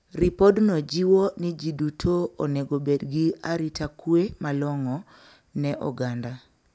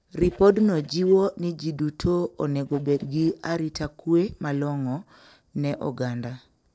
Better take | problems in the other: first | noise reduction (neural separator model SepFormer DNS4)

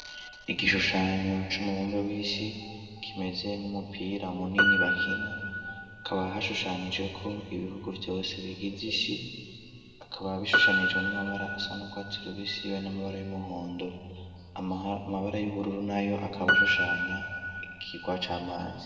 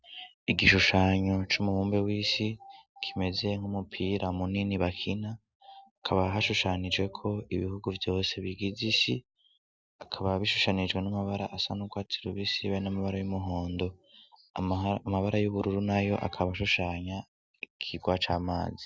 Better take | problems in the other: second | background sound (Piano); 1 dB below the speech // room echo; dies away in 2.1 s

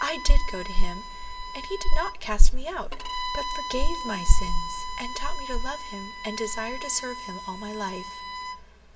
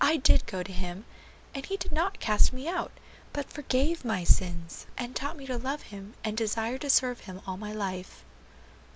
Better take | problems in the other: second | background sound (Bowed string instrument); 14 dB below the speech // room echo; dies away in 1.9 s

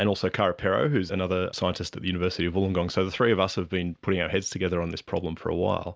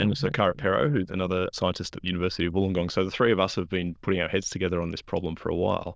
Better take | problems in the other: first | noise reduction (neural diffusion model UNIVERSE++)

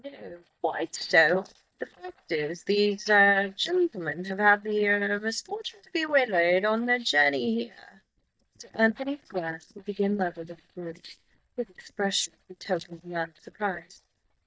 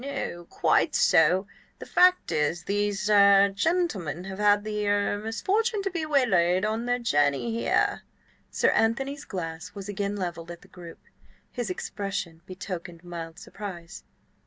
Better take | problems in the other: second | noise reduction (neural mask model DeepFilterNet 3)

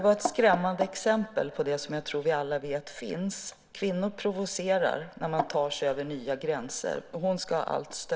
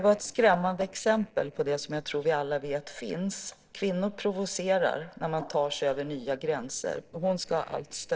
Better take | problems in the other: first | noise reduction (neural separator model SepFormer DNS4)

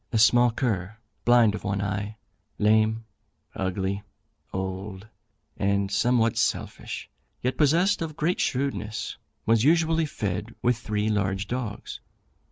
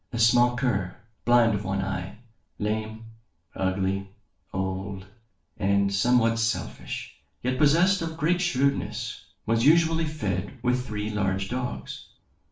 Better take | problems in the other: first | room echo; dies away in 0.4 s

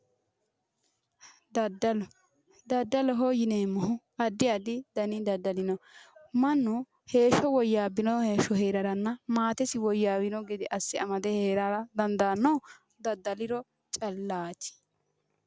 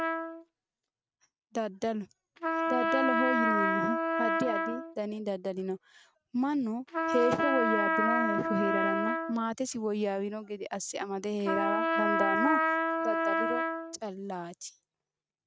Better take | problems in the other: first | noise reduction (neural mask model RNNoise)

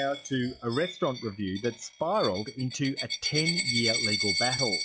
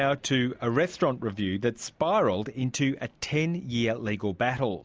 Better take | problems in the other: second | noise reduction (classical method log-MMSE)

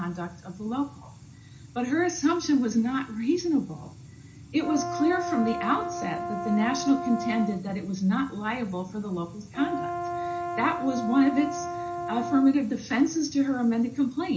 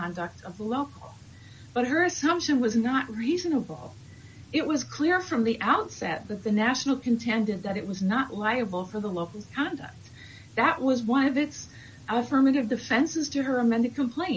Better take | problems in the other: second | background sound (Brass instrument); 6 dB below the speech // room echo; dies away in 0.4 s

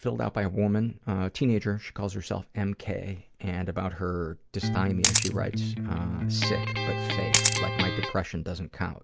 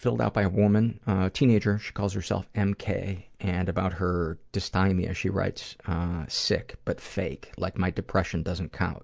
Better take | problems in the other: second | background sound (Camera + Electric guitar); 3 dB above the speech

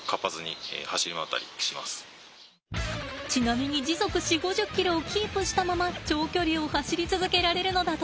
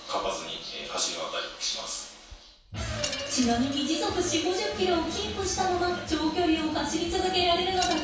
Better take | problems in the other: first | background sound (Wind chime); 15 dB below the speech // room echo; dies away in 0.7 s

